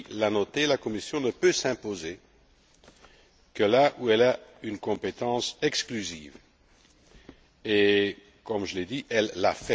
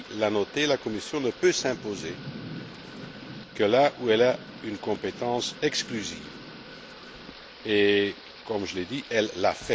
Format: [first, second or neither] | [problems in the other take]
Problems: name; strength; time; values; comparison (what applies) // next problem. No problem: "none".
first | background sound (Thunder / Rain); 15 dB below the speech